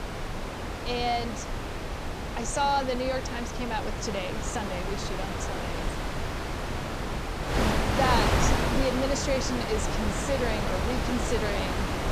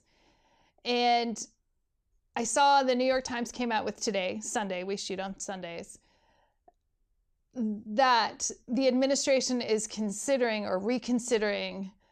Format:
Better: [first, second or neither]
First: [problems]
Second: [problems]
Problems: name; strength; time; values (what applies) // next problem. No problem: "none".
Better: second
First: wind noise on the microphone; heavy; 1 dB below the speech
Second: none